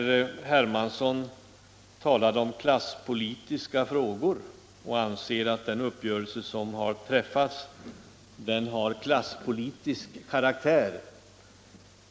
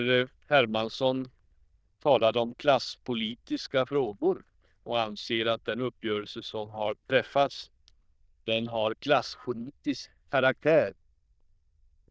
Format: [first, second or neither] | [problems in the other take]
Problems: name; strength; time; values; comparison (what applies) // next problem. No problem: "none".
first | noise reduction (neural diffusion model UNIVERSE++)